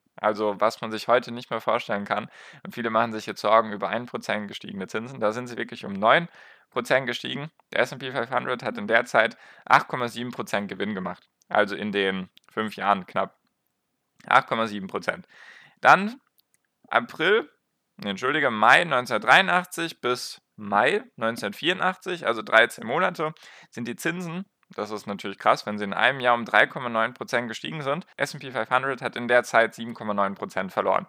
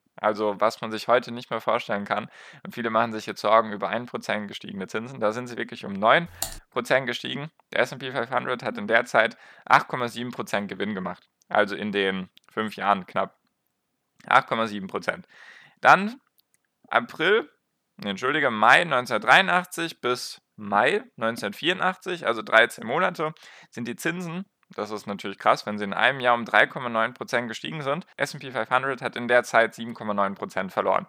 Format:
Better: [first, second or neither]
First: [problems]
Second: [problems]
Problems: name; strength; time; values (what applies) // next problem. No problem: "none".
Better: first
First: none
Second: keyboard typing; noticeable; at 6.5 s; peak 8 dB below the speech